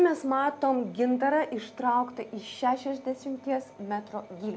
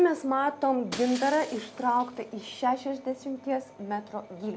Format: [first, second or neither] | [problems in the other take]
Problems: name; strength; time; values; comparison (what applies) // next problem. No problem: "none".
first | background sound (Shatter); 18 dB below the speech